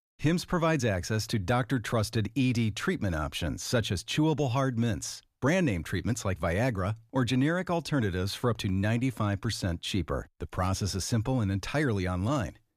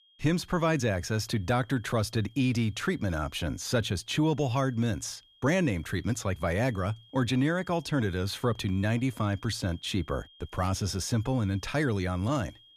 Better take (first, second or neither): first